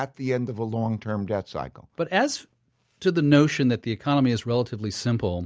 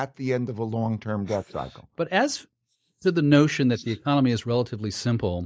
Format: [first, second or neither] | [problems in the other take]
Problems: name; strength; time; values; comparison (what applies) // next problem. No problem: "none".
first | noise reduction (neural mask model Resemble Enhance denoiser)